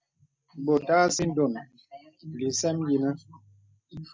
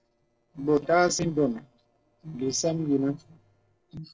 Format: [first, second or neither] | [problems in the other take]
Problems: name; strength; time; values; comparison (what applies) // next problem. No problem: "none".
first | noise reduction (neural separator model SepFormer DNS4)